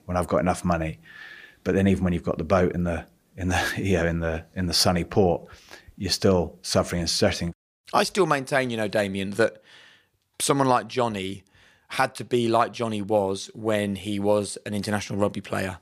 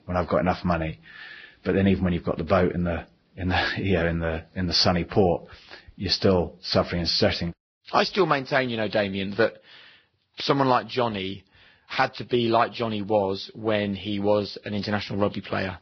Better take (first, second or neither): first